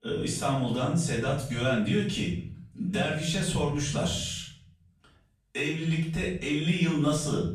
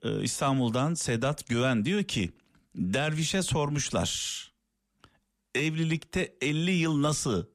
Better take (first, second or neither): second